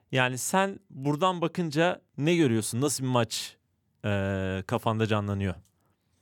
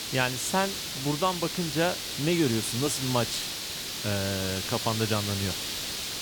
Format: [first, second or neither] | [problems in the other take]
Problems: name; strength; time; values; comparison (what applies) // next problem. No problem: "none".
first | hiss; loud; throughout; 2 dB below the speech